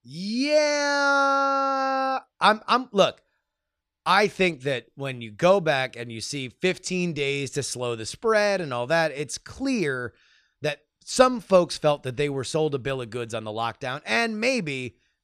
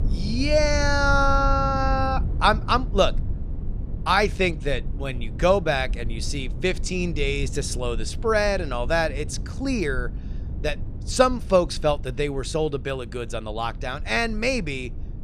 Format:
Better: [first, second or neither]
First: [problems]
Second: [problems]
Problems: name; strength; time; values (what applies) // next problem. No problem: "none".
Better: first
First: none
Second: low rumble; faint; throughout; 20 dB below the speech